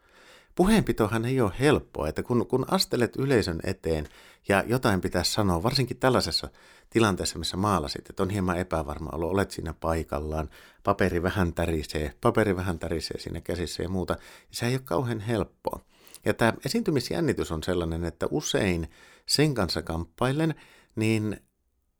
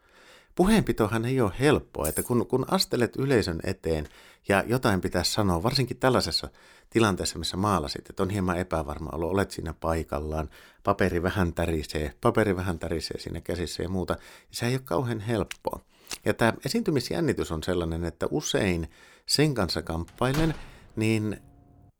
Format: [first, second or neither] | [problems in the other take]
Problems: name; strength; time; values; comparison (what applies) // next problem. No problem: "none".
first | jangling keys; noticeable; at 2 s; peak 5 dB below the speech // footsteps; faint; at 16 s; peak 10 dB below the speech // door banging; noticeable; at 20 s; peak 8 dB below the speech